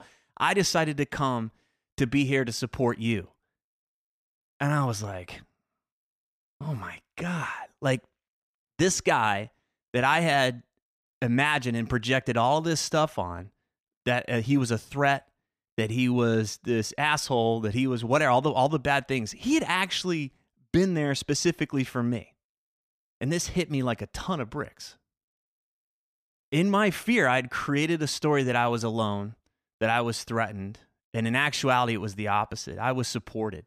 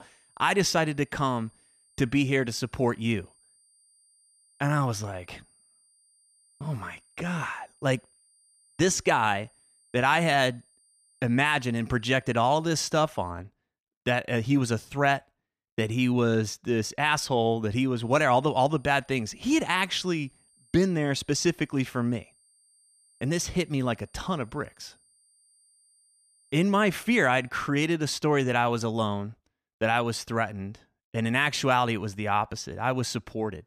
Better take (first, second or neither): first